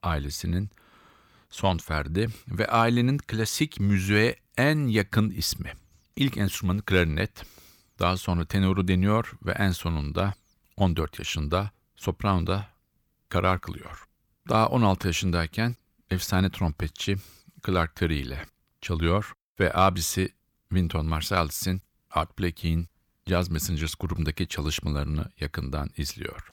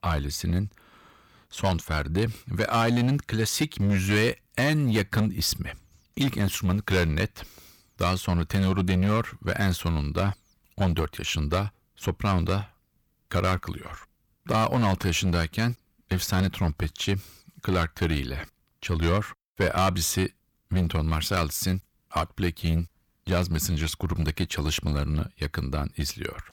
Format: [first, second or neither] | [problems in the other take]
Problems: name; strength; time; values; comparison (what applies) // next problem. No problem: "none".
first | distortion; slight; 6% of the sound clipped